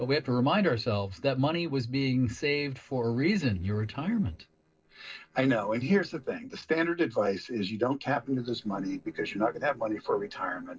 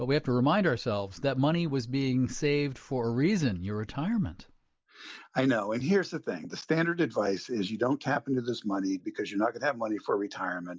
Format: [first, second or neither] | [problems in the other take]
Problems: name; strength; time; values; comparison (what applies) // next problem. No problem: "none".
second | noise reduction (neural separator model SepFormer DNS4)